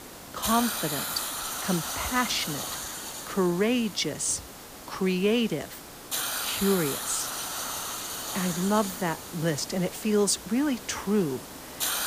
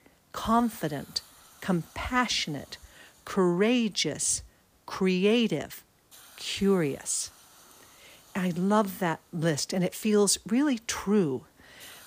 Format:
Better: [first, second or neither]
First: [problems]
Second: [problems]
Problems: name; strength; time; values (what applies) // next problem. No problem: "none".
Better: second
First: hiss; loud; throughout; 5 dB below the speech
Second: hiss; faint; throughout; 25 dB below the speech